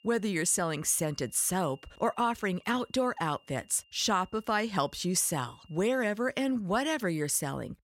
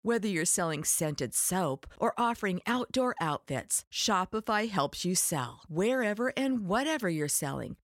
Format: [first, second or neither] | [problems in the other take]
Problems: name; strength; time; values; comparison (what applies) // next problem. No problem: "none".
second | high-pitched whine; faint; until 6 s; 3 kHz, 30 dB below the speech